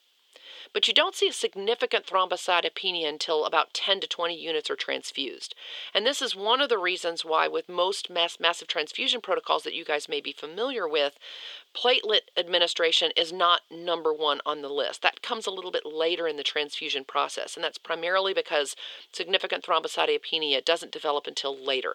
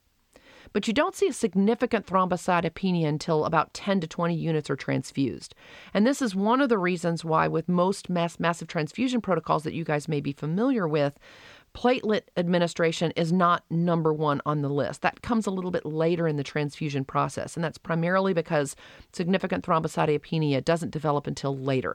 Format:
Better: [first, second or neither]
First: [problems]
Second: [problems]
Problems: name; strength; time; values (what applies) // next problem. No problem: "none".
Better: second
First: thin; very; fading below 400 Hz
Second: none